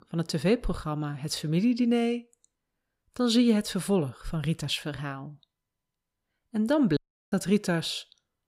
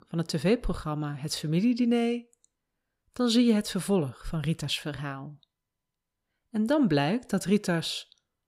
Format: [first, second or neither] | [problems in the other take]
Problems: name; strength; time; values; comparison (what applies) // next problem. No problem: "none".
second | audio cutting out; at 7 s